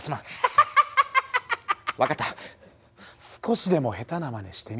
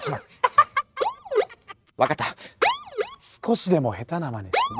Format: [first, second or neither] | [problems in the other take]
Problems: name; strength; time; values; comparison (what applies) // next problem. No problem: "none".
first | noise reduction (neural mask model RNNoise)